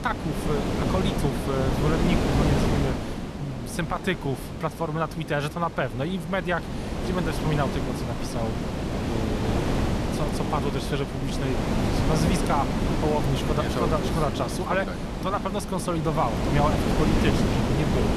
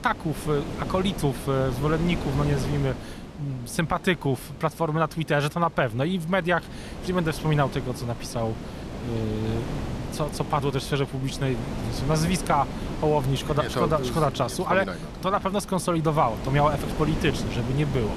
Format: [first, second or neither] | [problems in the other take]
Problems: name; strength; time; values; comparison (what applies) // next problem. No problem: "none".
second | wind noise on the microphone; heavy; 1 dB below the speech; occasional gusts in the second